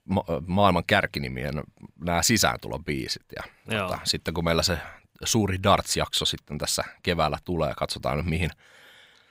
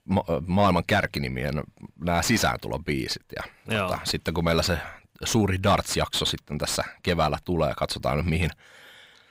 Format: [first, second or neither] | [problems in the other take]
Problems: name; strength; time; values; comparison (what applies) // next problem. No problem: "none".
first | distortion; slight; 10 dB below the speech